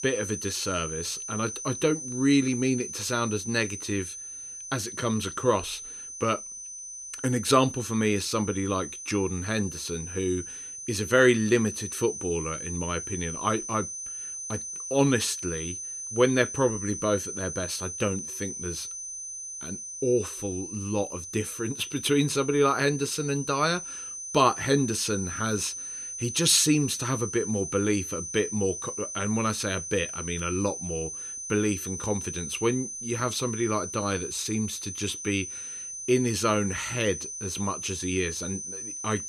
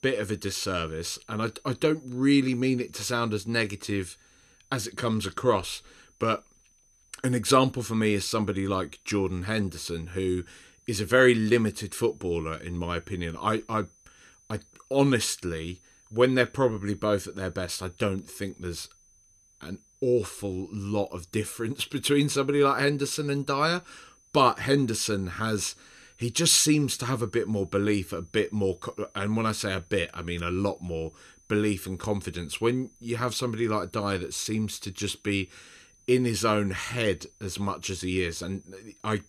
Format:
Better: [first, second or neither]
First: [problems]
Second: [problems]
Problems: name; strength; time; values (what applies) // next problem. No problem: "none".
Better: second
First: high-pitched whine; loud; throughout; 6 kHz, 7 dB below the speech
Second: high-pitched whine; faint; throughout; 6 kHz, 30 dB below the speech